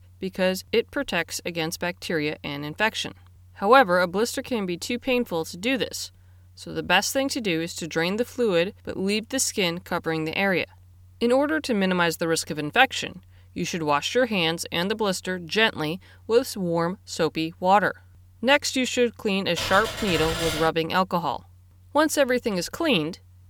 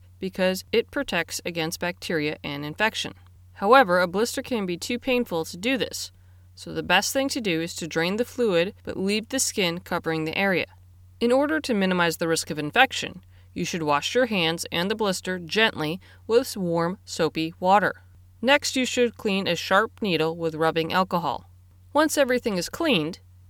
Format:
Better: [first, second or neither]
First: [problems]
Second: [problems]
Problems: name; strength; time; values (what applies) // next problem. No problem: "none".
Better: second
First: keyboard typing; noticeable; from 20 to 21 s; peak 3 dB below the speech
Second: none